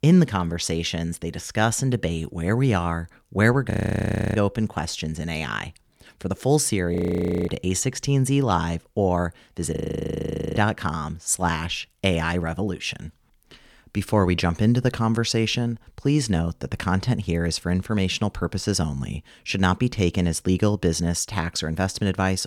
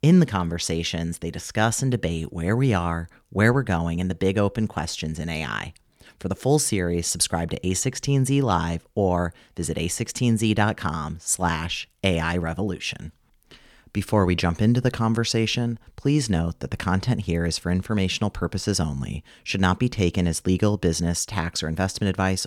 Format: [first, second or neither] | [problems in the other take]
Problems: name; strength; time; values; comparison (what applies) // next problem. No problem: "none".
second | audio freezing; at 3.5 s for 0.5 s, at 7 s for 0.5 s and at 10 s for 1 s